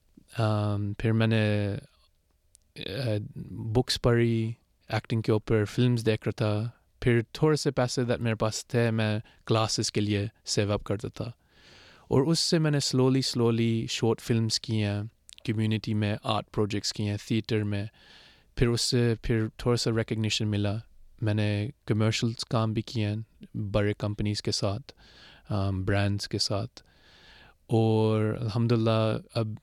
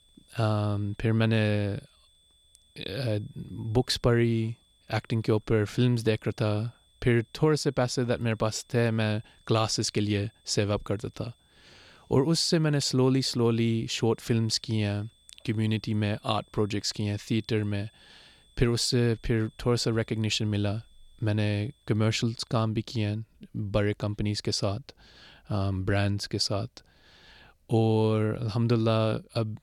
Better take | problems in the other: first | high-pitched whine; faint; until 23 s; 3.5 kHz, 35 dB below the speech

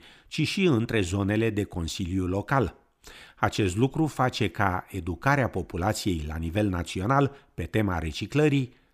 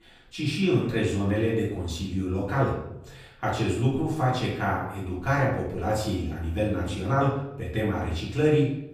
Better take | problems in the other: first | off-mic speech; far // room echo; noticeable; dies away in 0.7 s

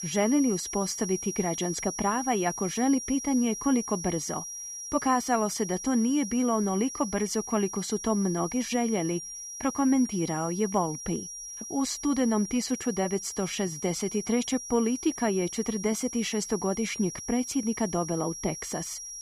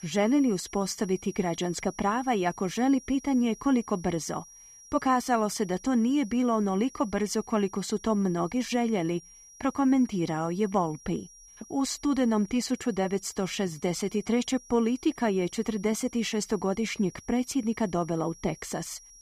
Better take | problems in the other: second | high-pitched whine; loud; throughout; 5.5 kHz, 8 dB below the speech; faint in the second

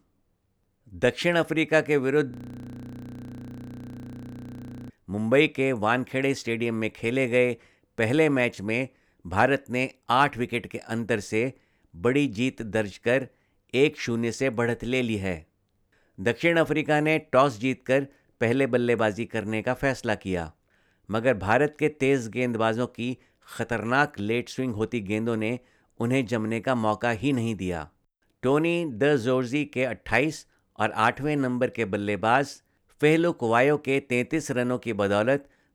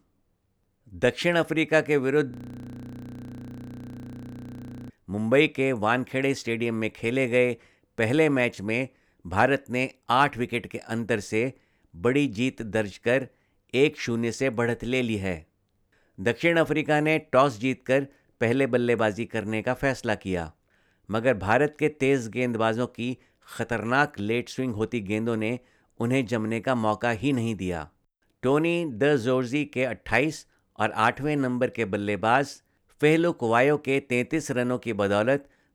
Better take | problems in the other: neither | audio freezing; at 2.5 s for 2.5 s; the same in both

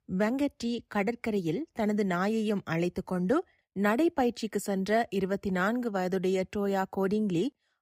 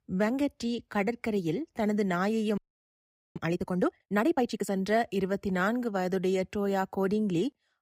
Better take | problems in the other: first | audio freezing; at 2.5 s for 1 s

